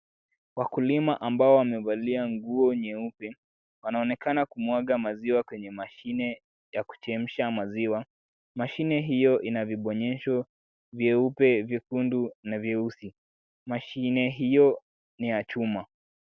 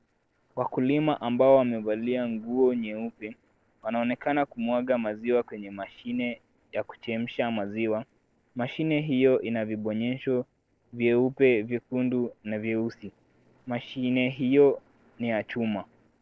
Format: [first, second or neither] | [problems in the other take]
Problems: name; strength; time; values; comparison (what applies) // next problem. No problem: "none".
first | noise reduction (neural separator model SepFormer DNS4)